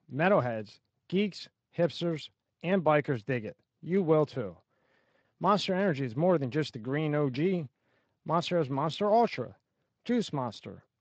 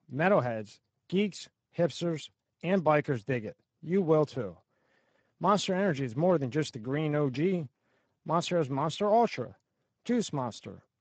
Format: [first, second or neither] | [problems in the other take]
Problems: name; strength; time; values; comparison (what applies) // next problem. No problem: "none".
first | garbled, watery; badly; nothing above 8 kHz; slightly in the first